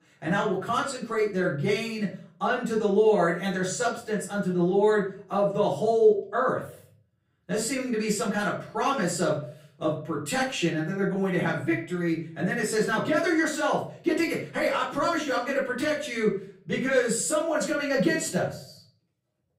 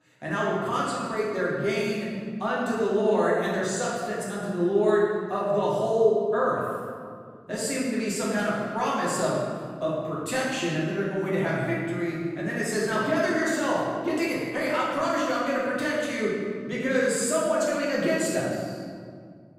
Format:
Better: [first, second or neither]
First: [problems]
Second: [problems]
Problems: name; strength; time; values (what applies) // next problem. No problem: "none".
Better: first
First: room echo; slight; dies away in 0.4 s // off-mic speech; far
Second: room echo; strong; dies away in 1.9 s // off-mic speech; far